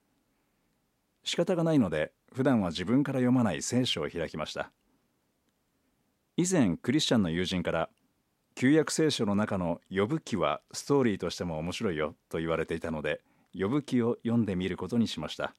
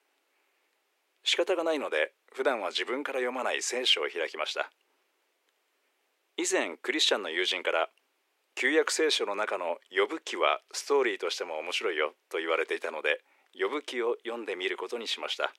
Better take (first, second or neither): first